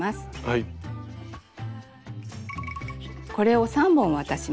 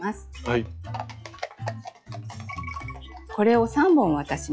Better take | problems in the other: first | noise reduction (classical method log-MMSE)

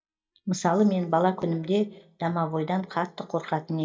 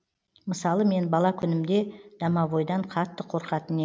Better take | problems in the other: second | noise reduction (neural mask model DeepFilterNet 3)

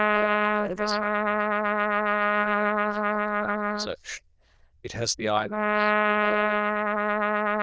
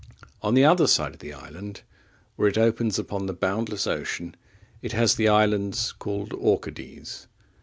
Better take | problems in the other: second | noise reduction (neural diffusion model UNIVERSE++)

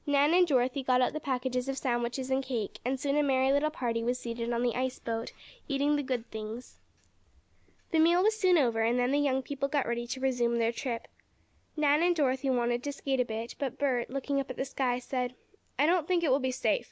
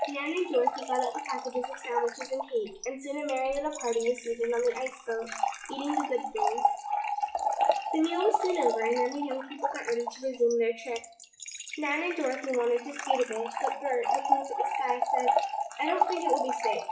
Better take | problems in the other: first | noise reduction (classical method WPE with log-MMSE)

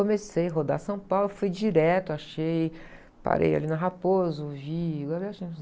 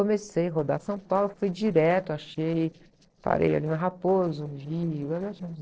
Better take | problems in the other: first | noise reduction (neural separator model SepFormer DNS4)

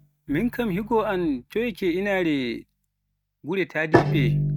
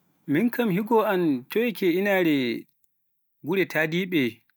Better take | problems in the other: second | noise reduction (neural mask model RNNoise)

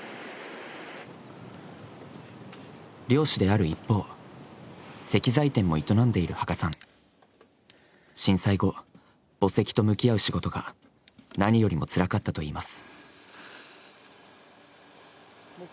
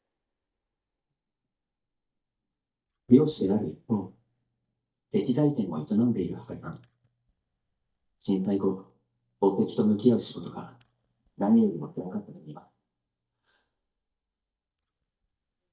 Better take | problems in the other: first | noise reduction (neural mask model DeepFilterNet 3)

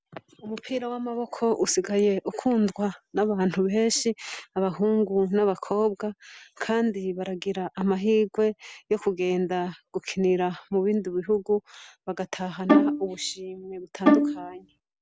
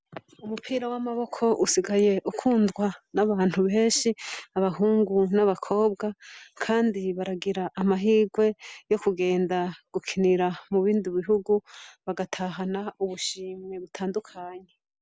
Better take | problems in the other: second | background sound (Bowed string instrument); 4 dB above the speech

